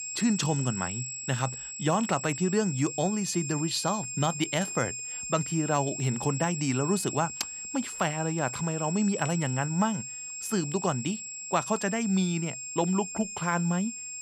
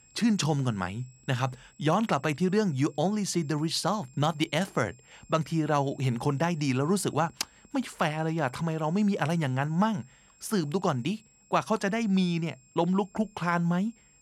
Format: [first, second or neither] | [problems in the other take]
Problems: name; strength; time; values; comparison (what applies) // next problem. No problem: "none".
second | high-pitched whine; loud; throughout; 7.5 kHz, 6 dB below the speech; faint in the second